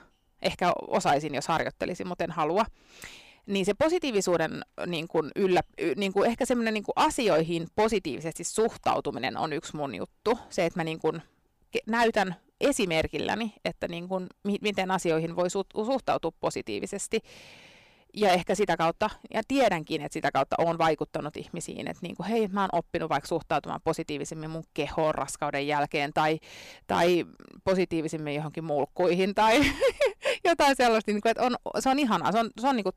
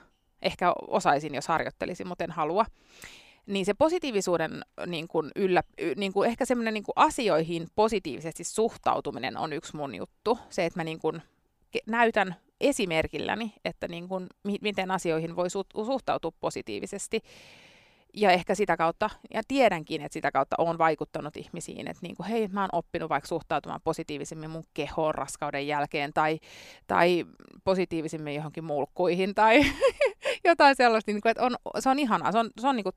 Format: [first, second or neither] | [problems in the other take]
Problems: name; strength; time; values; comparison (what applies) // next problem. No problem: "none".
second | distortion; slight; 4% of the sound clipped